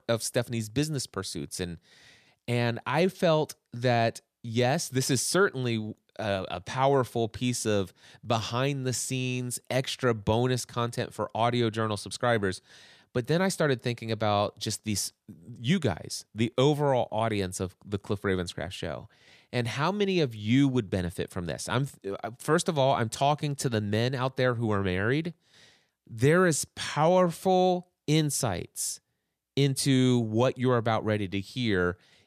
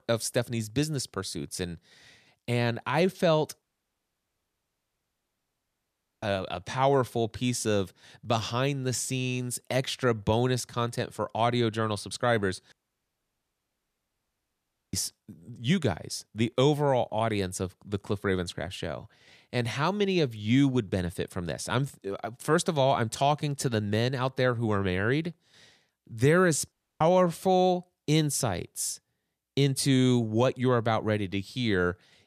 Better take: first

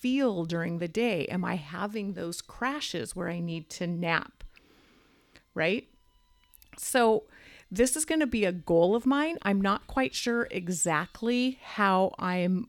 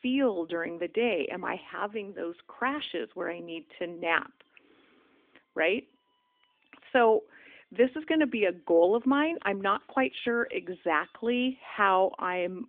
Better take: first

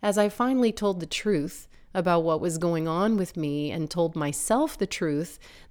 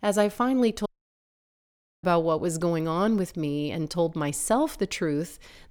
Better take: first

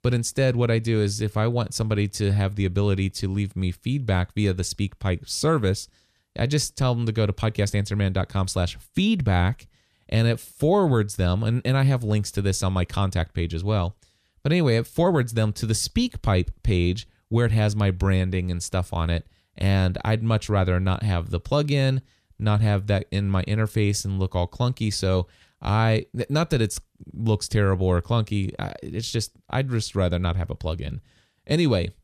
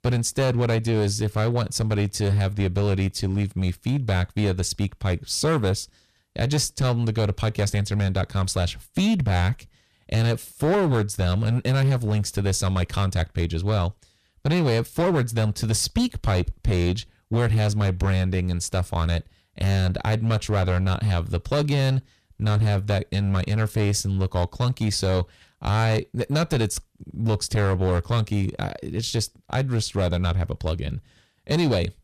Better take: first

